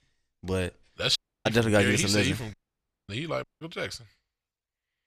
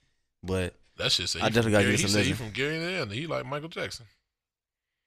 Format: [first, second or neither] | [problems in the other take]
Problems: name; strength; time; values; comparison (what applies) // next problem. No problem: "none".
second | audio cutting out; at 1 s, at 2.5 s for 0.5 s and at 3.5 s